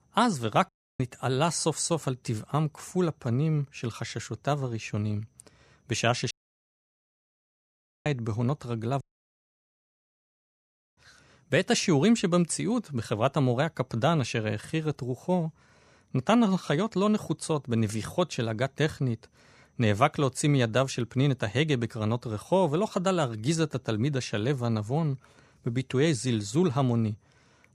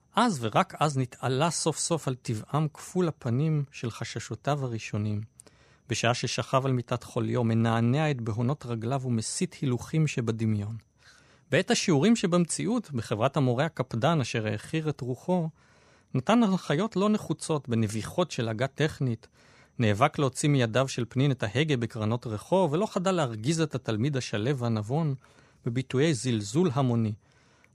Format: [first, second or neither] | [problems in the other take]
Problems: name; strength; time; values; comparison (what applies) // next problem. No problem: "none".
second | audio cutting out; at 0.5 s, at 6.5 s for 2 s and at 9 s for 2 s